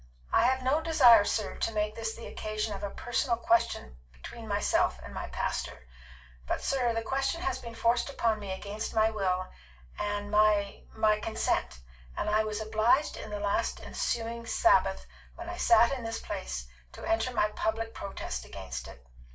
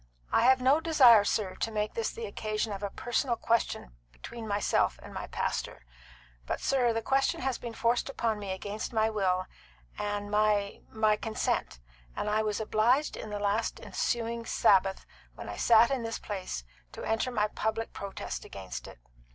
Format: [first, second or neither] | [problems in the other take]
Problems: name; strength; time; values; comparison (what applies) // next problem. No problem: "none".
second | room echo; dies away in 0.2 s